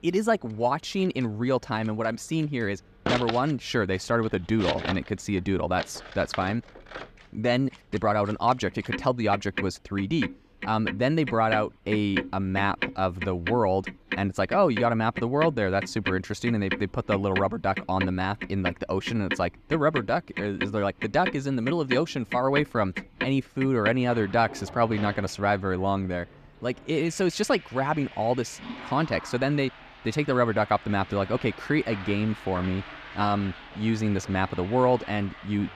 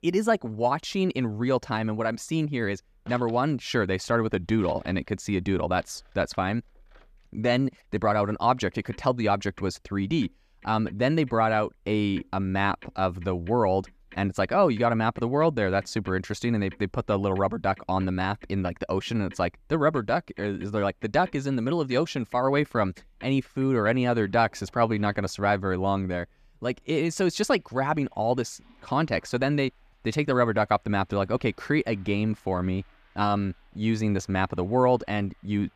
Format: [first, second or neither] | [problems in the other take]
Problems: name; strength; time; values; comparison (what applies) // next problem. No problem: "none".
second | household noises; loud; throughout; 9 dB below the speech; faint in the second